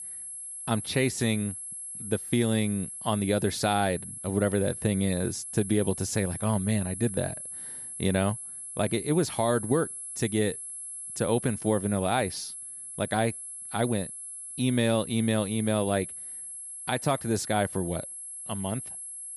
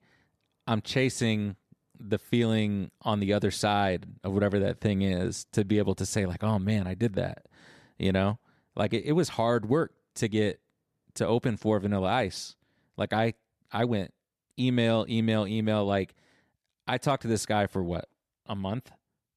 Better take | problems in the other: second | high-pitched whine; loud; throughout; 11 kHz, 8 dB below the speech

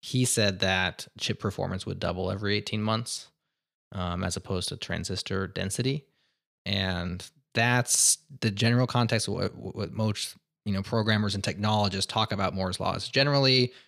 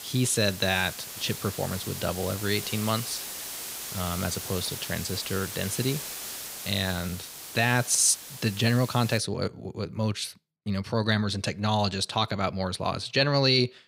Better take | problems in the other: first | hiss; loud; until 9 s; 8 dB below the speech

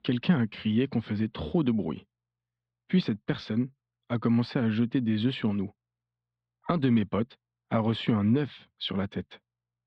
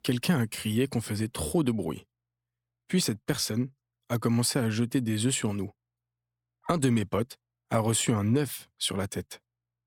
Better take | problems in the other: second | muffled; slightly; fading above 4 kHz

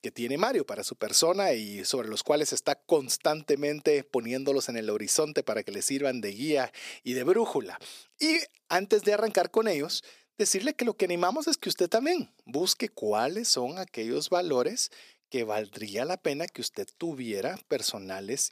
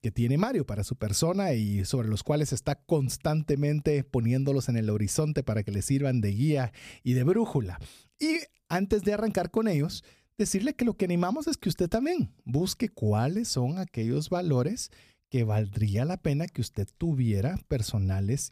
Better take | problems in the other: second | thin; somewhat; fading below 350 Hz

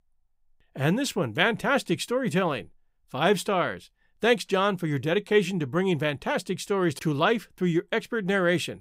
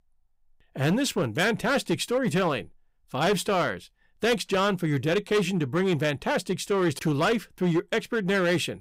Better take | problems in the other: first | distortion; slight; 9% of the sound clipped

